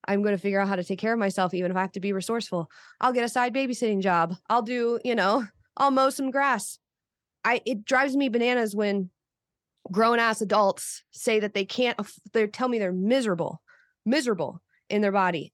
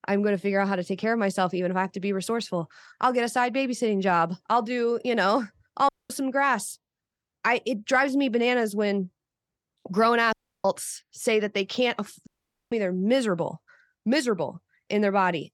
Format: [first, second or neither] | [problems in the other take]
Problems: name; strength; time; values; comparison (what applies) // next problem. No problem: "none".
first | audio cutting out; at 6 s, at 10 s and at 12 s